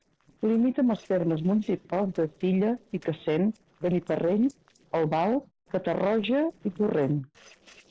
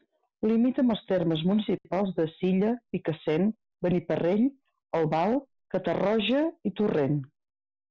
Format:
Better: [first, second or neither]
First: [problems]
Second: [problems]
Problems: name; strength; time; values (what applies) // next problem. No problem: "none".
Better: second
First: noise reduction (neural separator model SepFormer DNS4)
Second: none